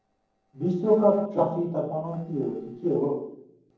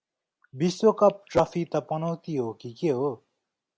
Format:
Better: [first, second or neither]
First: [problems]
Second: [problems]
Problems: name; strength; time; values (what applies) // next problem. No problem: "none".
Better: second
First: noise reduction (neural separator model SepFormer DNS4)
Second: none